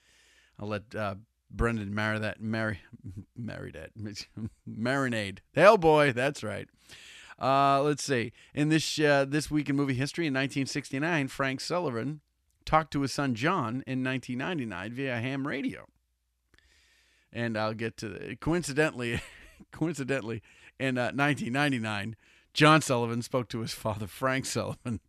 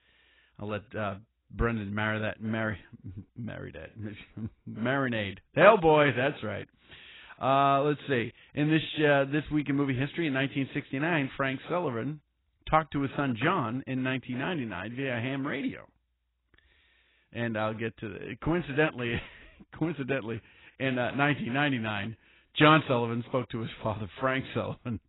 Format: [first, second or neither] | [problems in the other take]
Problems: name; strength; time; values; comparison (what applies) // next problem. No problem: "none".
first | garbled, watery; badly; nothing above 4 kHz